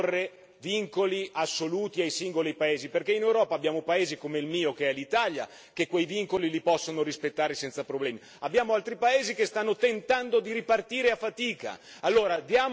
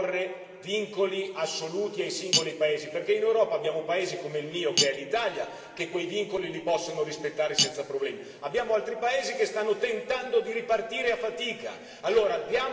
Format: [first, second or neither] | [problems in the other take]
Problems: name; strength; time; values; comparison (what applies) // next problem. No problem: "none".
first | background sound (Cutlery, silverware); 5 dB below the speech // room echo; dies away in 2.5 s